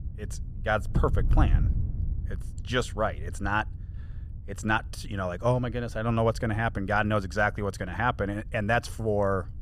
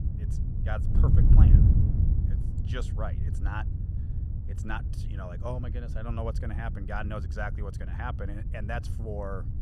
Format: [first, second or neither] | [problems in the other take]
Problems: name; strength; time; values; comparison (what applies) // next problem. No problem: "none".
first | wind noise on the microphone; heavy; 4 dB below the speech; occasional gusts in the first